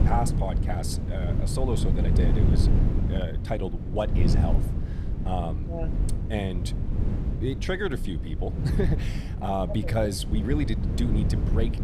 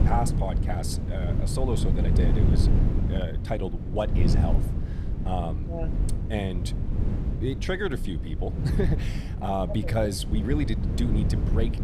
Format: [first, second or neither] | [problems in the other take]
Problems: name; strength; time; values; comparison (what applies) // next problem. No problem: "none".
neither | wind noise on the microphone; heavy; 6 dB below the speech; the same in both